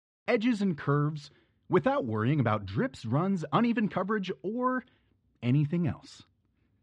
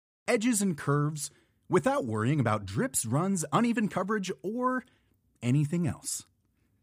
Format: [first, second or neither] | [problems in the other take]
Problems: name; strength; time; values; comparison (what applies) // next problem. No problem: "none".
second | muffled; slightly; fading above 4 kHz